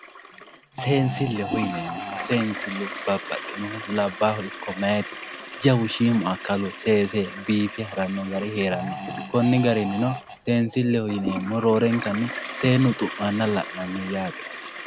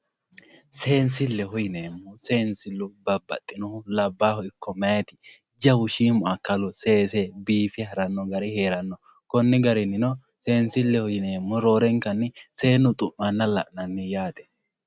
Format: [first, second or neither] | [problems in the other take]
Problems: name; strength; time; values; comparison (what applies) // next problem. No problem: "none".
second | background sound (Fart + Toilet flush); 10 dB below the speech